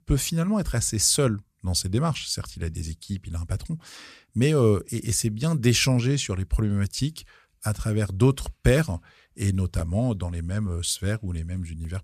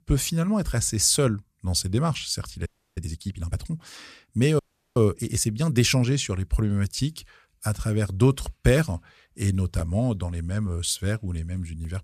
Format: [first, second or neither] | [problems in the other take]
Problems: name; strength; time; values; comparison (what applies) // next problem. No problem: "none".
first | audio freezing; at 2.5 s and at 4.5 s